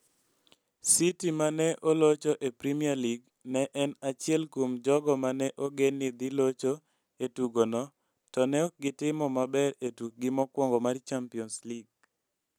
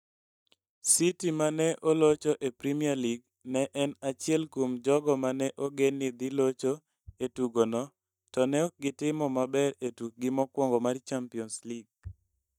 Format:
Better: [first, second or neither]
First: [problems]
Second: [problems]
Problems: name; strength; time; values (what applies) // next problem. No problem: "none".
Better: first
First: none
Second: noise reduction (neural mask model DeepFilterNet 3)